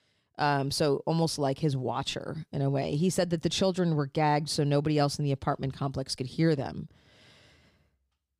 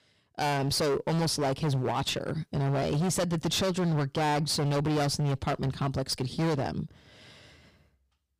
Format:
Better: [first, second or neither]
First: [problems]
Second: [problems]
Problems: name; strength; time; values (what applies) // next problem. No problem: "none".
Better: first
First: none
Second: distortion; heavy; 20% of the sound clipped